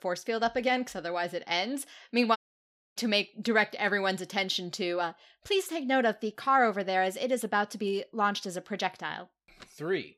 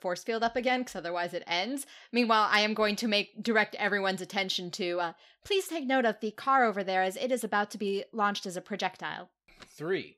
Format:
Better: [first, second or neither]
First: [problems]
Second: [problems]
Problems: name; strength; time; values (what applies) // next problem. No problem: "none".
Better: second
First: audio cutting out; at 2.5 s for 0.5 s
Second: none